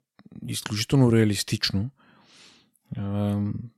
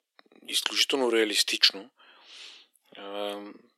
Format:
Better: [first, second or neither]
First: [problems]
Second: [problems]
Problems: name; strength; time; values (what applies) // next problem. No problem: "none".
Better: first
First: none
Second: thin; very; fading below 350 Hz